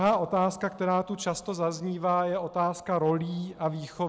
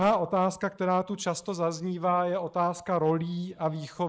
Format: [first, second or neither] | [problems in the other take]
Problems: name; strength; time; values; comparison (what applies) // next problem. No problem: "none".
first | noise reduction (neural mask model Resemble Enhance denoiser)